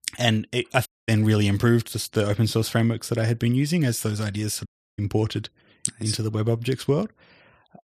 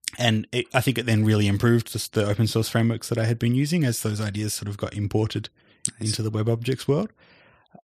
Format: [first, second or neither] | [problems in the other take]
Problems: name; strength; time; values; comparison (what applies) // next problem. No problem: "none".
second | audio cutting out; at 1 s and at 4.5 s